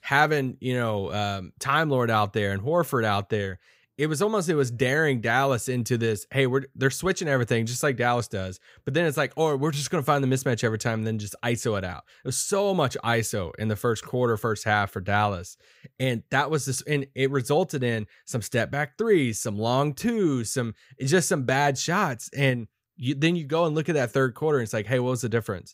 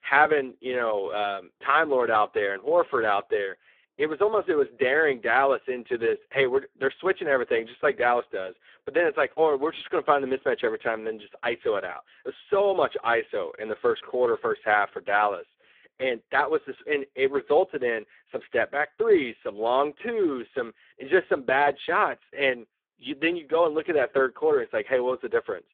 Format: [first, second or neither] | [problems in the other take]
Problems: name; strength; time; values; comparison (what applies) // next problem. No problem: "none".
first | phone-call audio; poor line